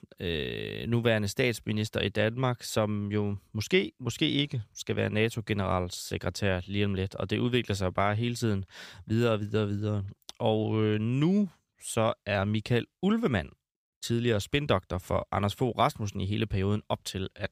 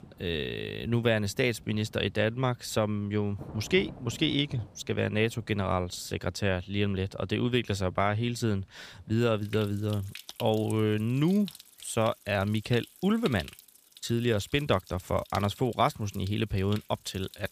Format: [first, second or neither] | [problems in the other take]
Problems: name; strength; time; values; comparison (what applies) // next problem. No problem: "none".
first | rain or running water; noticeable; throughout; 20 dB below the speech